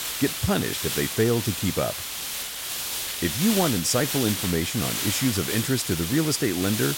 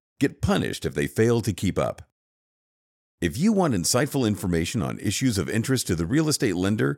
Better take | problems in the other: second | hiss; loud; throughout; 2 dB below the speech

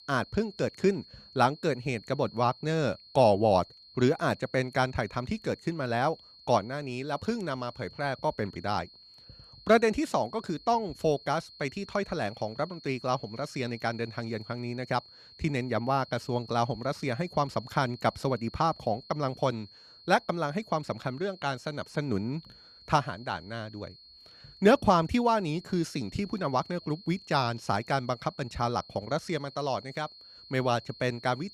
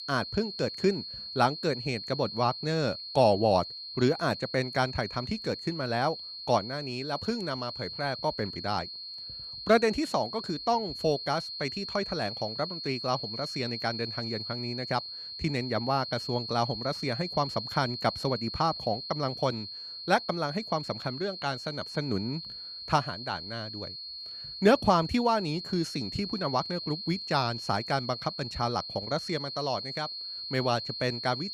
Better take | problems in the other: first | high-pitched whine; loud; throughout; 4.5 kHz, 7 dB below the speech; faint in the first

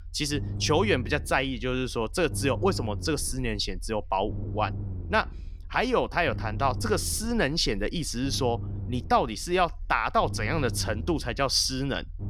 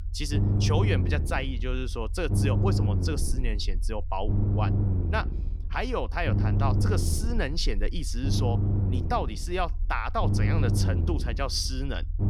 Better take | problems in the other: first | low rumble; loud; throughout; 6 dB below the speech; faint in the first

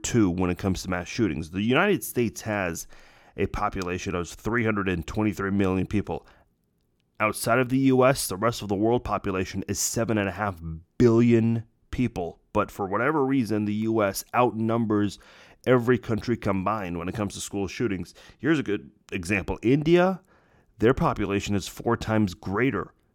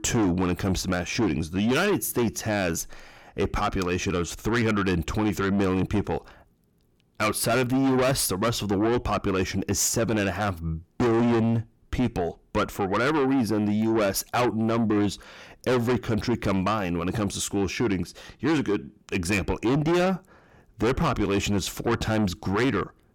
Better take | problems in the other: first | distortion; heavy; 6 dB below the speech

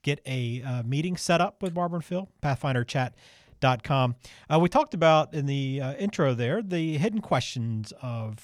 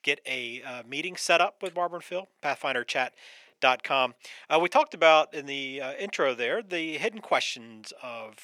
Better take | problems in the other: first | thin; very; fading below 350 Hz

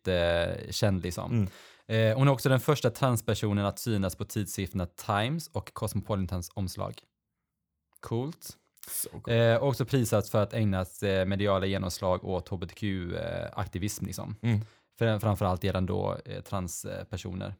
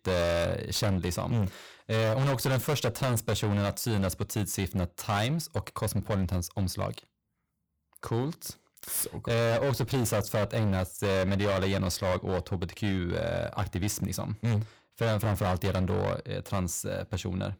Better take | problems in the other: first | distortion; heavy; 20% of the sound clipped

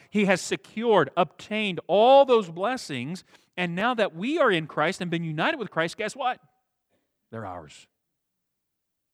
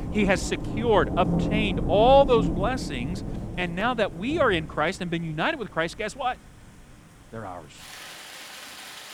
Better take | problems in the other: first | rain or running water; loud; throughout; 7 dB below the speech

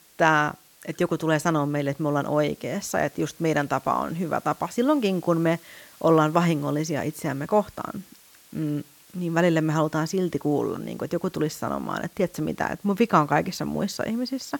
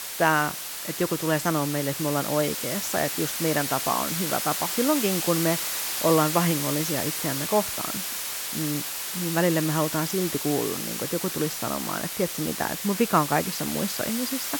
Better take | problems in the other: first | hiss; loud; throughout; 2 dB below the speech; faint in the first

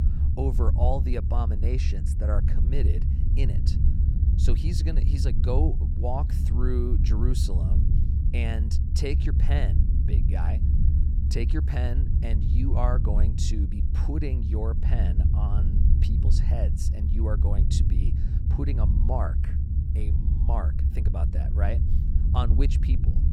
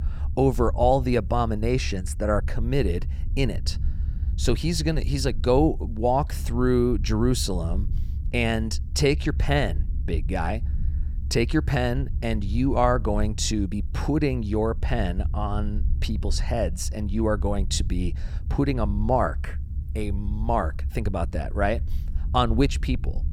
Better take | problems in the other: second | low rumble; loud; throughout; 4 dB below the speech; faint in the second

